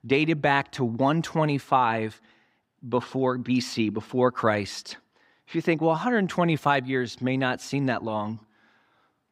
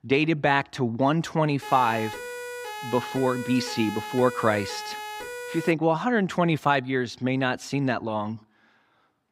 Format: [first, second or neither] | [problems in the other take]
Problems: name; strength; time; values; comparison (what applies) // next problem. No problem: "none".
first | siren; noticeable; from 1.5 to 5.5 s; peak 10 dB below the speech